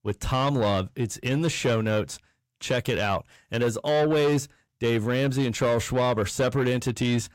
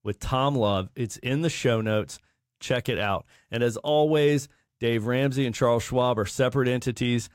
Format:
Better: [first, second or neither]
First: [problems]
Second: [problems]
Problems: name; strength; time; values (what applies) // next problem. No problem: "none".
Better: second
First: distortion; slight; 10 dB below the speech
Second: none